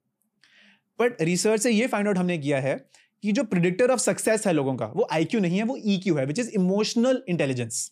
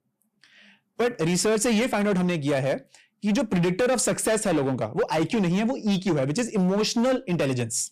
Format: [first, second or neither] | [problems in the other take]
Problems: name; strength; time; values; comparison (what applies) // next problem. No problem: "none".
first | distortion; slight; 16% of the sound clipped